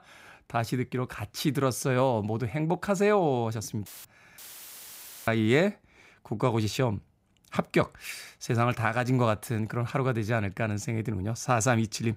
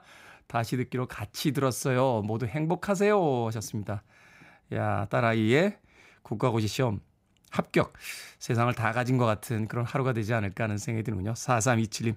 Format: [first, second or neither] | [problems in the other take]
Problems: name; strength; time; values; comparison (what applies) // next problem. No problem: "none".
second | audio cutting out; filled with static; at 4 s and at 4.5 s for 1 s